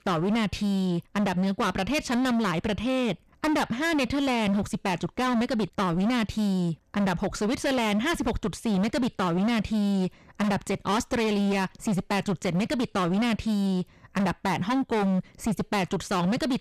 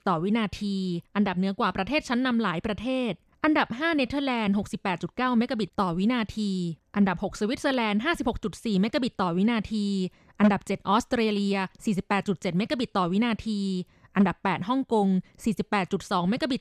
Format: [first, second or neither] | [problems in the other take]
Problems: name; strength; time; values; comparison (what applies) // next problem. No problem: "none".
second | distortion; heavy; 26% of the sound clipped